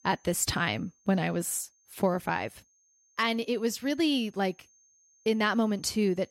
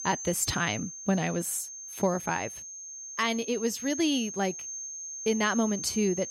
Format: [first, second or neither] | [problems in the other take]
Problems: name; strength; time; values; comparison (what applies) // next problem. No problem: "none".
first | high-pitched whine; loud; throughout; 6.5 kHz, 8 dB below the speech; faint in the first